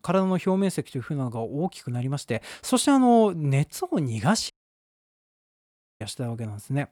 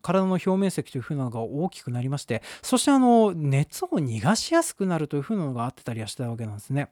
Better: second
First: audio cutting out; at 4.5 s for 1.5 s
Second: none

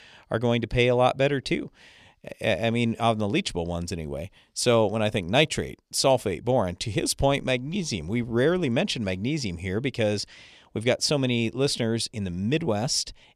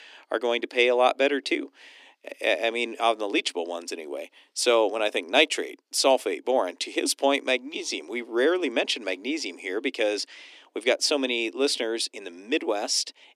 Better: first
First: none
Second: thin; somewhat; fading below 250 Hz

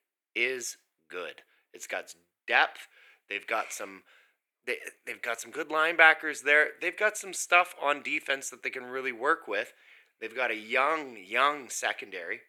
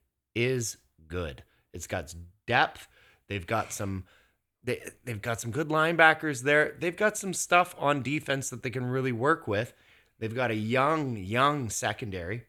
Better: second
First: thin; very; fading below 400 Hz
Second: none

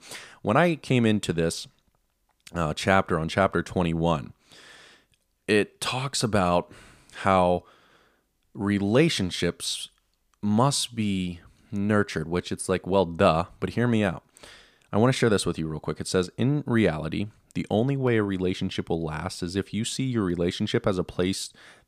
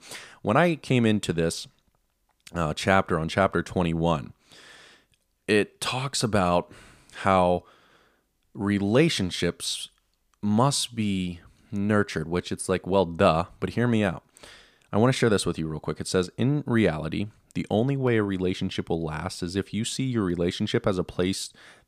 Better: neither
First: none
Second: none

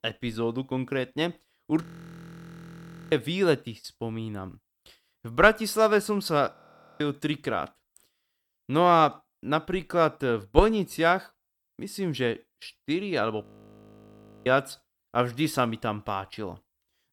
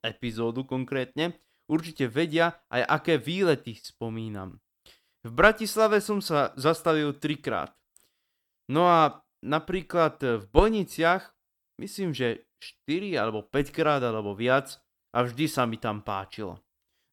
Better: second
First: audio freezing; at 2 s for 1.5 s, at 6.5 s and at 13 s for 1 s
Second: none

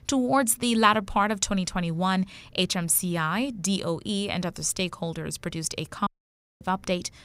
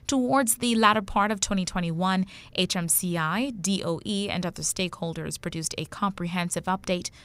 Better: second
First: audio cutting out; at 6 s for 0.5 s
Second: none

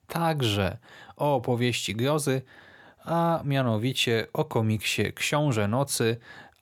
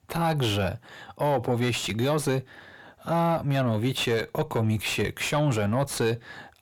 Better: first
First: none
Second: distortion; slight; 10 dB below the speech

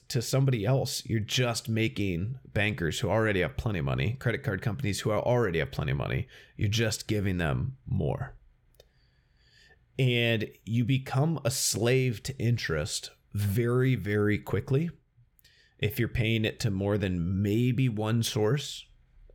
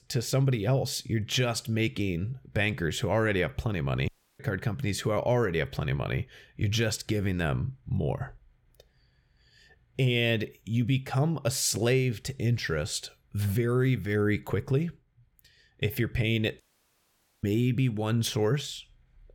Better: first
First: none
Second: audio cutting out; at 4 s and at 17 s for 1 s

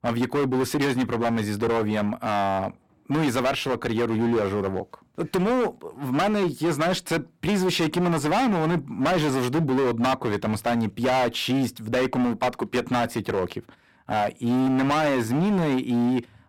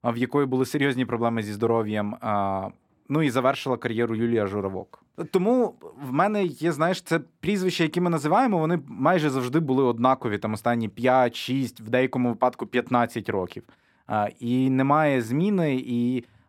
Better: second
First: distortion; heavy; 21% of the sound clipped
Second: none

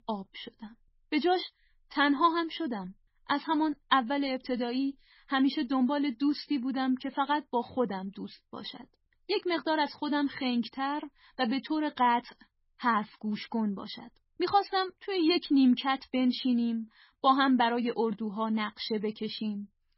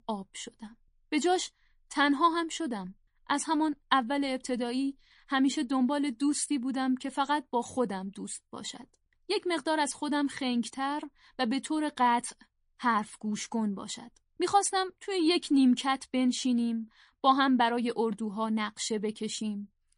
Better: second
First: garbled, watery; badly; nothing above 4.5 kHz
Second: garbled, watery; slightly; nothing above 10.5 kHz

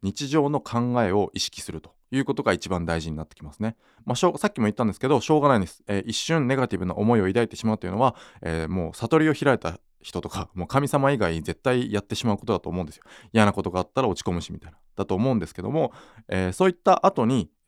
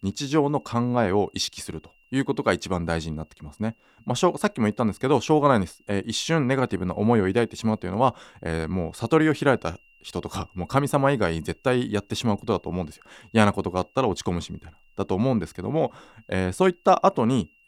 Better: first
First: none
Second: high-pitched whine; faint; throughout; 3 kHz, 35 dB below the speech

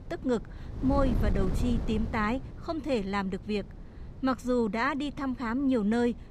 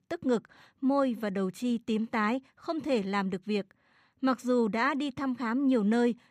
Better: second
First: wind noise on the microphone; occasional gusts; 15 dB below the speech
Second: none

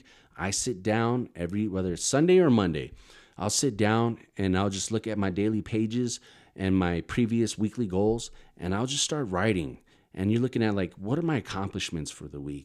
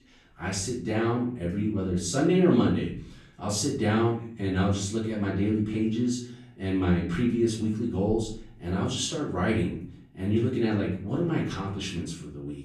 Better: first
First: none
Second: off-mic speech; far // room echo; noticeable; dies away in 0.5 s

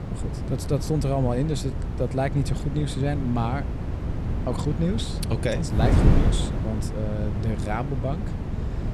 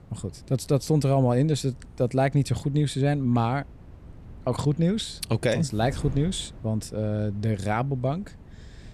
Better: second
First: wind noise on the microphone; heavy; 5 dB below the speech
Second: wind noise on the microphone; occasional gusts; 25 dB below the speech

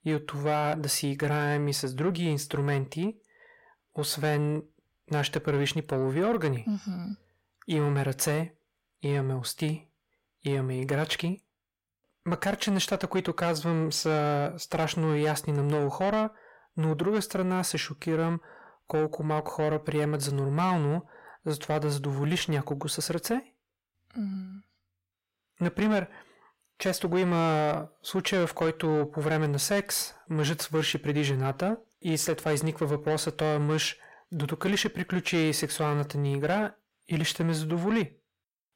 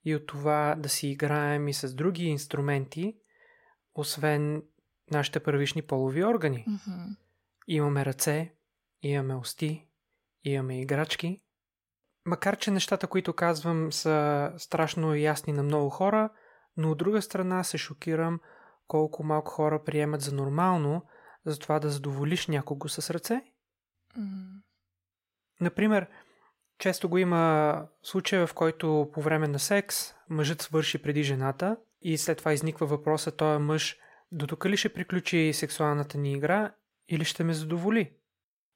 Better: second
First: distortion; slight; 10 dB below the speech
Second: none

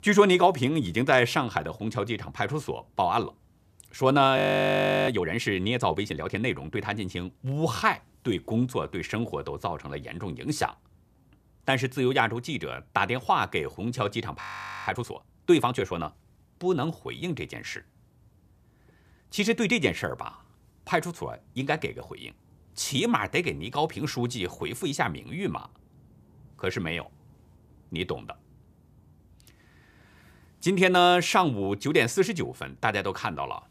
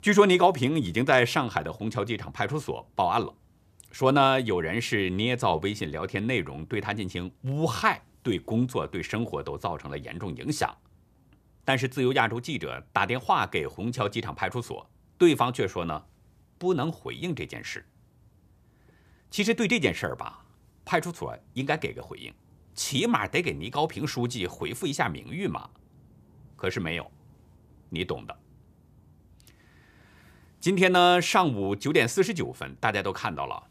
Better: second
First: audio freezing; at 4.5 s for 0.5 s and at 14 s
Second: none

